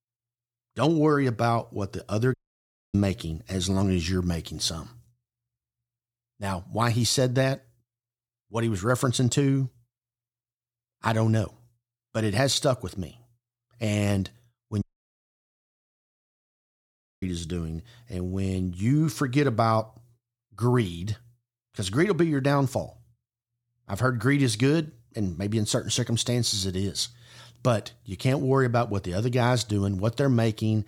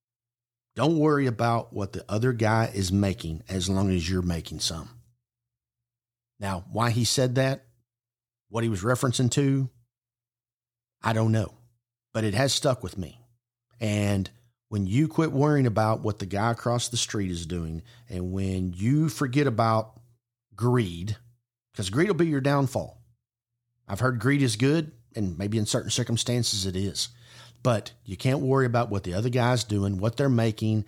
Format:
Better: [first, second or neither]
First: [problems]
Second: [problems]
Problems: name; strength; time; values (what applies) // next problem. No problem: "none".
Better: second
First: audio cutting out; at 2.5 s for 0.5 s and at 15 s for 2.5 s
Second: none